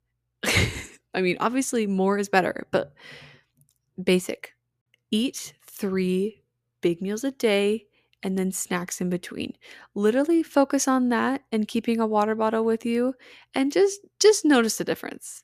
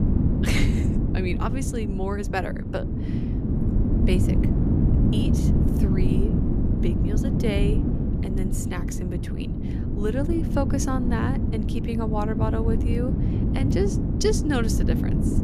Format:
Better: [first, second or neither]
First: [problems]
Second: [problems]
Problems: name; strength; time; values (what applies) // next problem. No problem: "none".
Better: first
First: none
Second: wind noise on the microphone; heavy; 2 dB below the speech